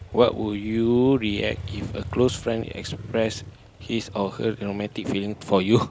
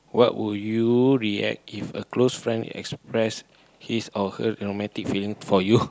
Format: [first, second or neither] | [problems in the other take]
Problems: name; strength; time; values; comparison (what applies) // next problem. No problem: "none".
second | background sound (Motorcycle); 14 dB below the speech